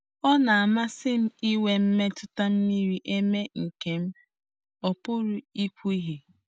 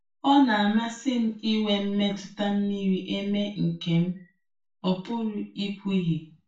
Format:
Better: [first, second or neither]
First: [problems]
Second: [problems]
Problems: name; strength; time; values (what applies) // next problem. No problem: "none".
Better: first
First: none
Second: room echo; dies away in 0.3 s